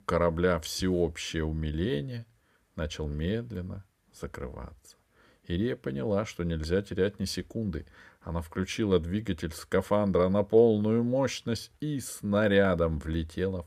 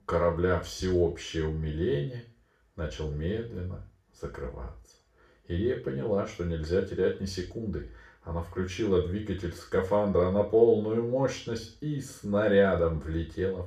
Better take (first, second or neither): first